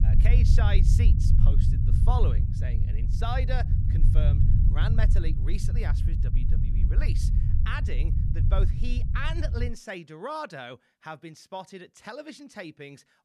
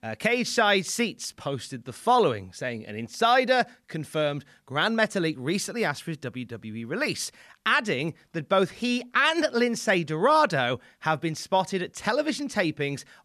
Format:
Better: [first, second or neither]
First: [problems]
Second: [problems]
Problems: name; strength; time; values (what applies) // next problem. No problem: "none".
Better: second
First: low rumble; loud; until 9.5 s; 5 dB below the speech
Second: none